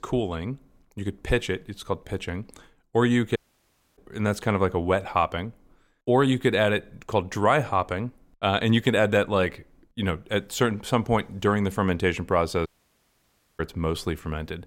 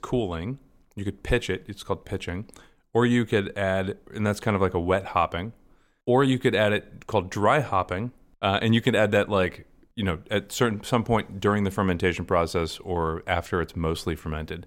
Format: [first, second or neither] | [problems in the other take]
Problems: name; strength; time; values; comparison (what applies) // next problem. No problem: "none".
second | audio cutting out; at 3.5 s for 0.5 s and at 13 s for 1 s